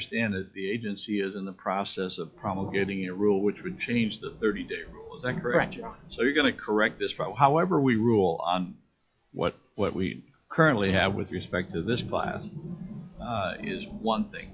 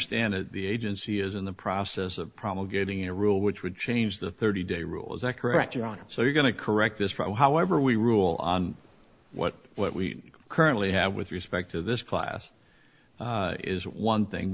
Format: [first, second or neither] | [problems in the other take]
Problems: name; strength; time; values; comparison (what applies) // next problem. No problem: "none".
second | noise reduction (classical method log-MMSE)